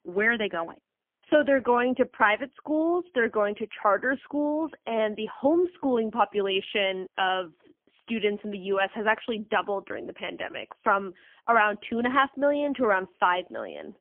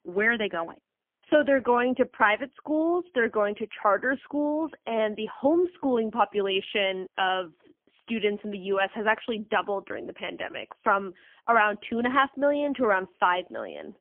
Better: neither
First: phone-call audio; poor line; nothing above 3.5 kHz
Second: phone-call audio; poor line; nothing above 3.5 kHz

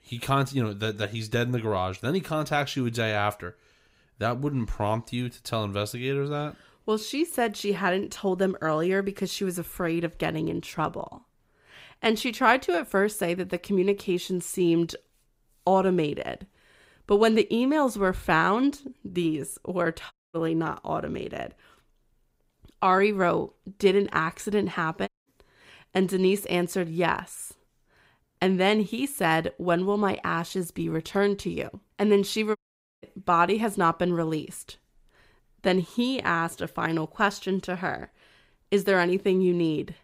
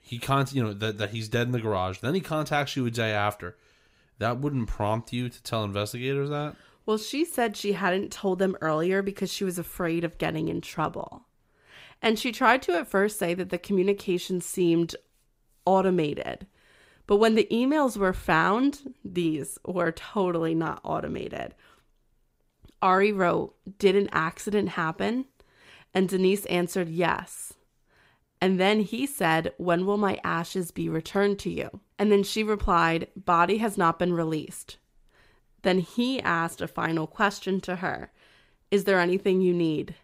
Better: second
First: audio cutting out; at 20 s, at 25 s and at 33 s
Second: none

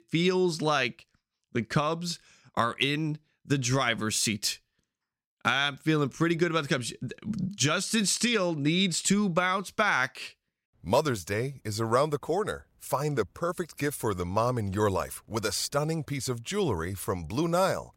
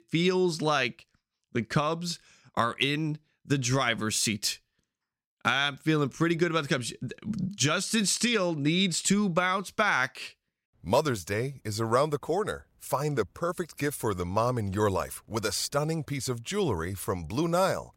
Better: neither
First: none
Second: none

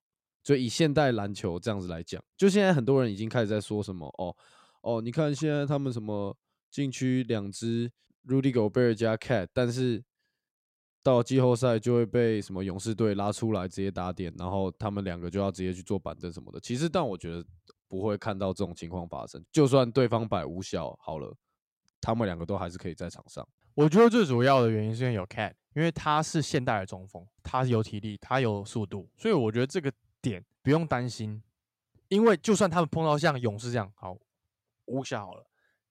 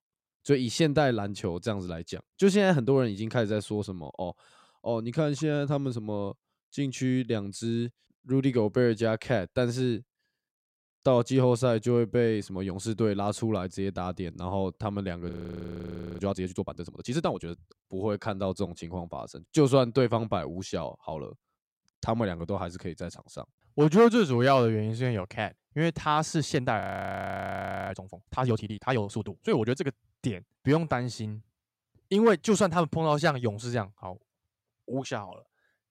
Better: first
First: none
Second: audio freezing; at 15 s for 1 s and at 27 s for 1 s

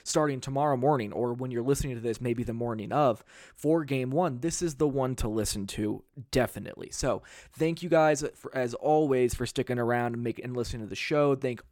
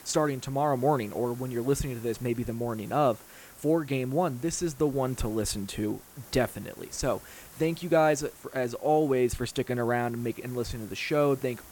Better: first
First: none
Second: hiss; faint; throughout; 20 dB below the speech

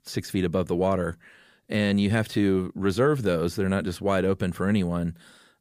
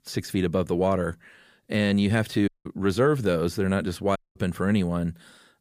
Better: first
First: none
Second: audio cutting out; at 2.5 s and at 4 s

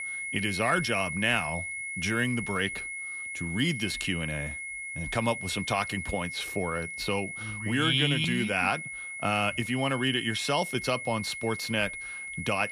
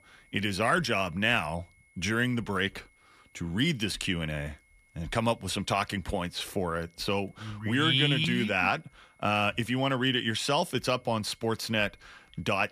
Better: second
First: high-pitched whine; loud; throughout; 2 kHz, 6 dB below the speech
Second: high-pitched whine; faint; throughout; 2 kHz, 35 dB below the speech

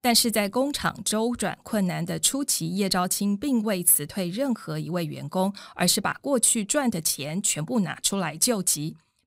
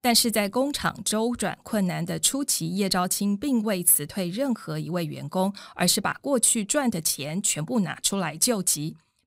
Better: neither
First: none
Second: none

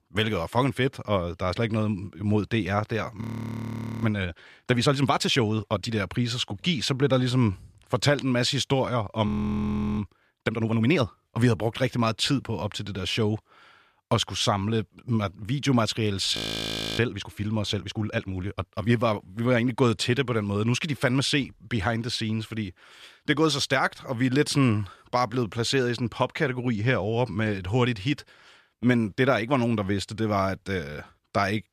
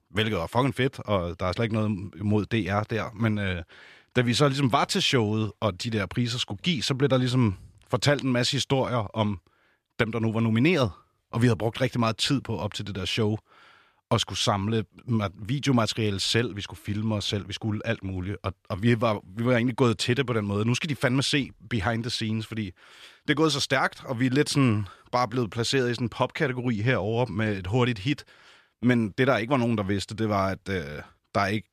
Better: second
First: audio freezing; at 3 s for 1 s, at 9.5 s for 0.5 s and at 16 s for 0.5 s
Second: none

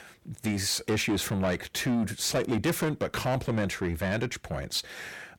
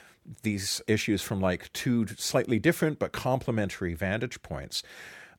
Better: second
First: distortion; heavy; 7 dB below the speech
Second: none

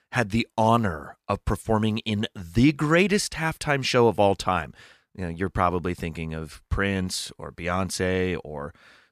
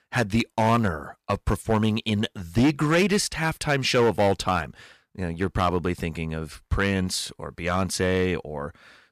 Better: first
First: none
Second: distortion; slight; 4% of the sound clipped

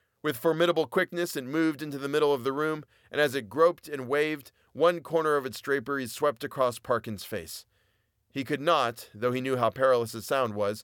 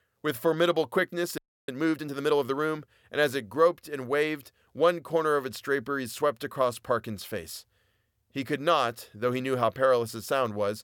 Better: first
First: none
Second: audio freezing; at 1.5 s

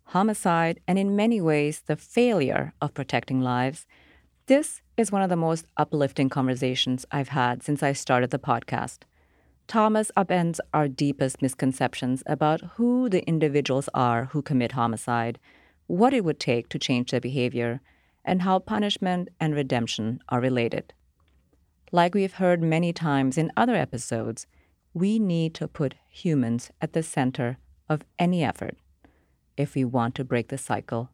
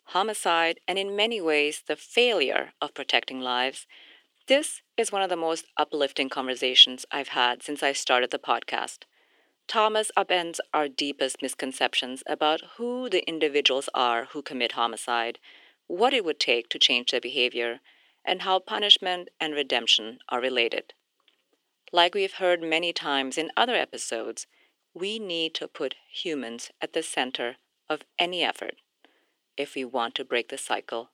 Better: first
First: none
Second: thin; somewhat; fading below 350 Hz

